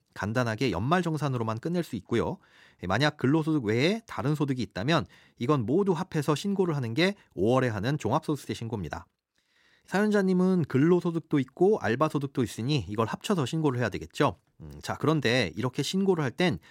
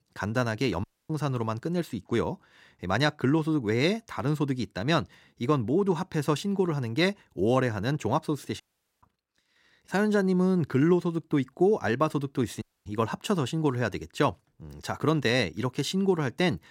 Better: first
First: none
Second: audio cutting out; at 1 s, at 8.5 s and at 13 s

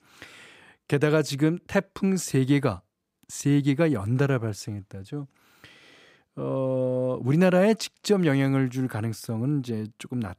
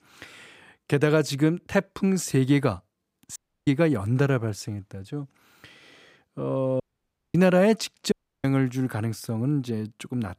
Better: first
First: none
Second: audio cutting out; at 3.5 s, at 7 s for 0.5 s and at 8 s

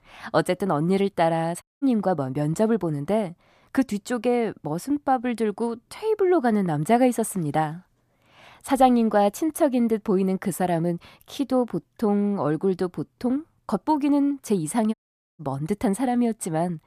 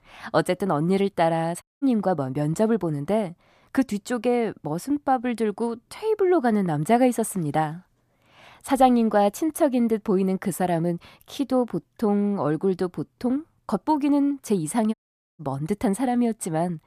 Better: neither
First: audio cutting out; at 1.5 s and at 15 s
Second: audio cutting out; at 1.5 s and at 15 s

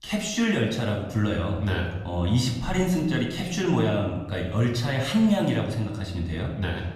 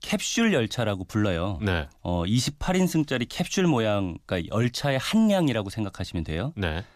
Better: second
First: room echo; noticeable; dies away in 1 s // off-mic speech; somewhat distant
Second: none

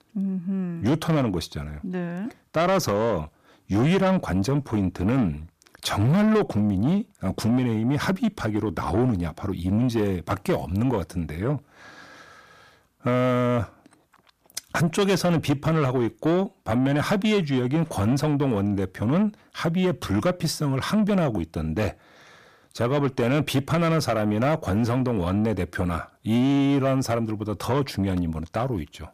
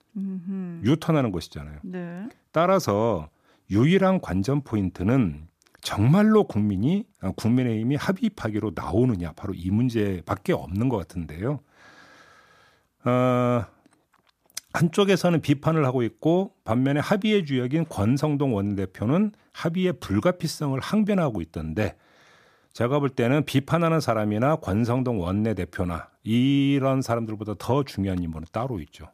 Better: second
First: distortion; slight; 10 dB below the speech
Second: none

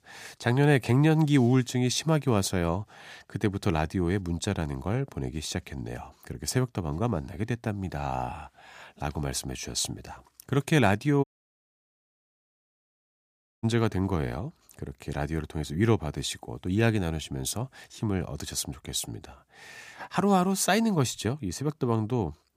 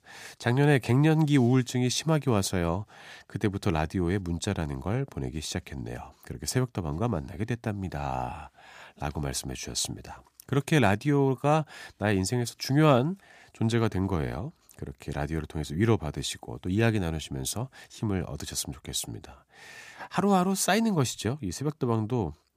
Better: second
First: audio cutting out; at 11 s for 2.5 s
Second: none

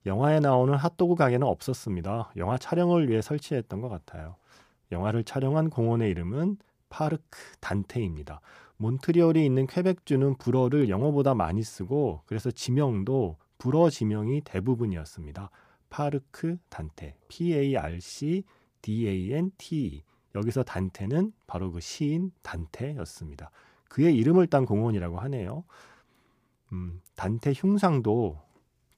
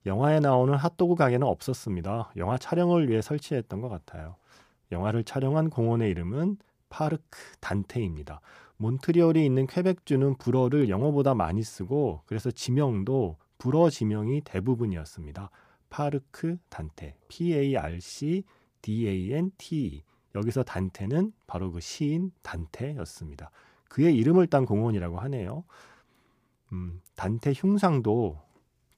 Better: neither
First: none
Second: none

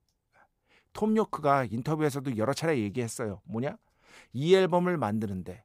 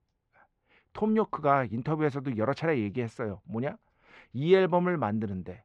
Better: first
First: none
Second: muffled; slightly; fading above 2.5 kHz

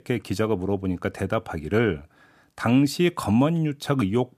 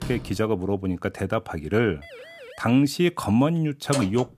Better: first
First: none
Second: door banging; faint; at the start; peak 10 dB below the speech // siren; faint; at 2 s; peak 20 dB below the speech // door banging; noticeable; at 4 s; peak 7 dB below the speech

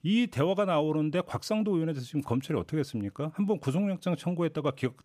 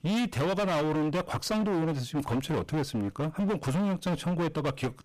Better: first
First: none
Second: distortion; heavy; 33% of the sound clipped

